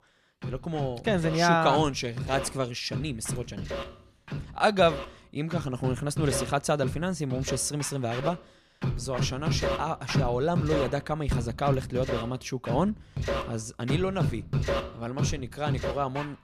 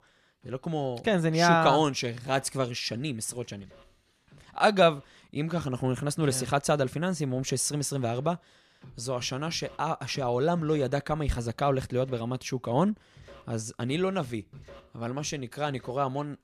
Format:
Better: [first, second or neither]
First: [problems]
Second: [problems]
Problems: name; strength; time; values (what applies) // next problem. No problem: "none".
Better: second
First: background music; loud; throughout; 5 dB below the speech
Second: background music; faint; throughout; 25 dB below the speech